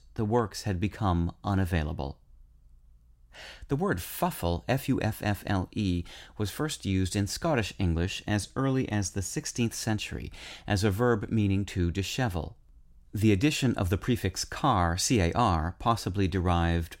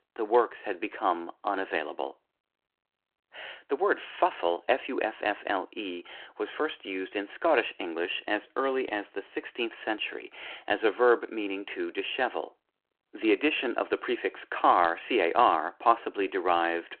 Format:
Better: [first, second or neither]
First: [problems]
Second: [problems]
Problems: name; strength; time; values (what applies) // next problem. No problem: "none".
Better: first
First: none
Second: phone-call audio